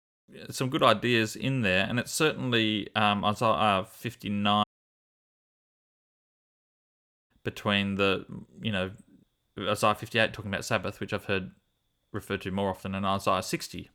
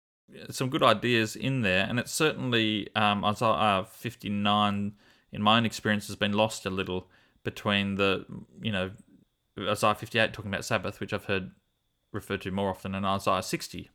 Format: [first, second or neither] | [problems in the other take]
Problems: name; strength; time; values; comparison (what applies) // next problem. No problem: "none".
second | audio cutting out; at 4.5 s for 2.5 s